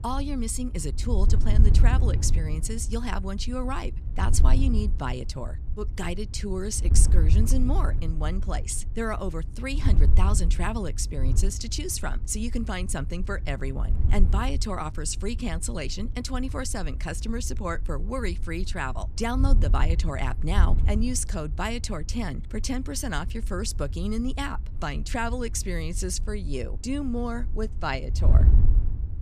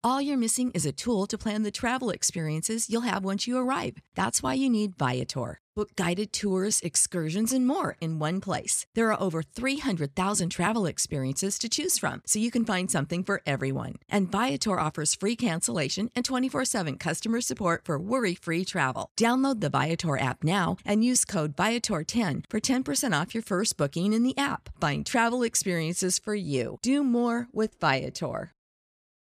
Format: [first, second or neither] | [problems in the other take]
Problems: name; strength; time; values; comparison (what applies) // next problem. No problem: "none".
second | wind noise on the microphone; occasional gusts; 15 dB below the speech